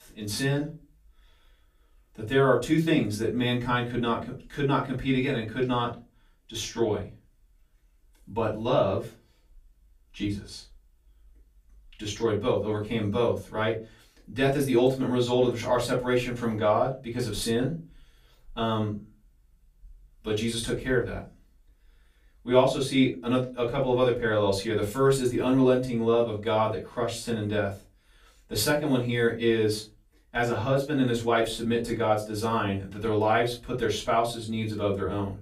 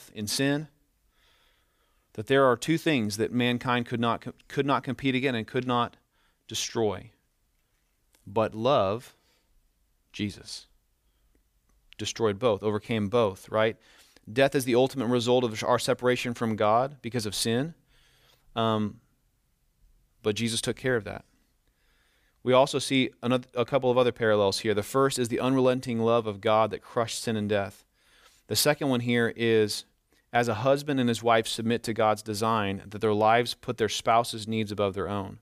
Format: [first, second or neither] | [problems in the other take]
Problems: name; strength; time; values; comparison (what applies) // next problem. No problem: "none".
second | off-mic speech; far // room echo; slight; dies away in 0.3 s